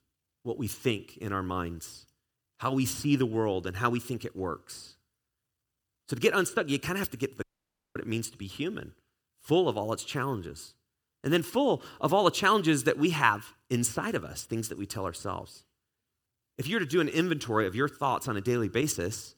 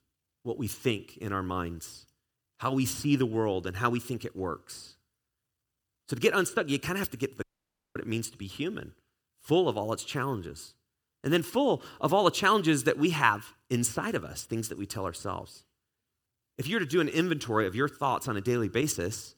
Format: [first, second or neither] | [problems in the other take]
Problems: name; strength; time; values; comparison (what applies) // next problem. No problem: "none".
neither | audio cutting out; at 7.5 s for 0.5 s; the same in both